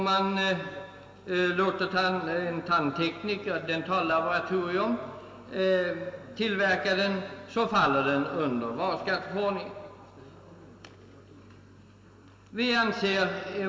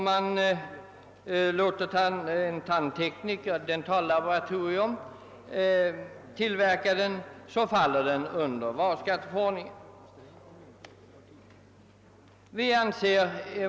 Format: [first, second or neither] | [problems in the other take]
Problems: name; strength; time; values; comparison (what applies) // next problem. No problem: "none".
second | room echo; dies away in 2.8 s